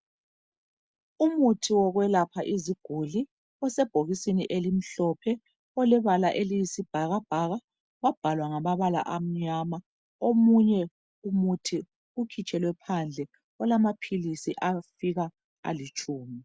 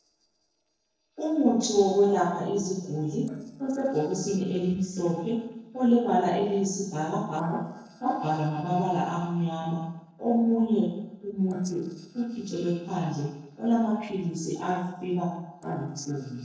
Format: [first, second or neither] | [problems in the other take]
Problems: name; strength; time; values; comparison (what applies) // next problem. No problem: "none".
first | noise reduction (neural separator model SepFormer DNS4)